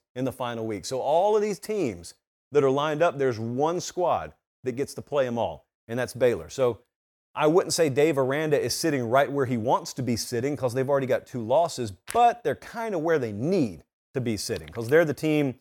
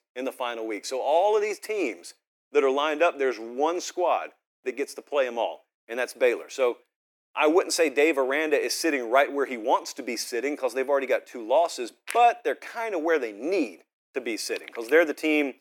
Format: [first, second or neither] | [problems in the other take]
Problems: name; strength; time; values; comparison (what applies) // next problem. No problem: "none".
first | thin; somewhat; fading below 300 Hz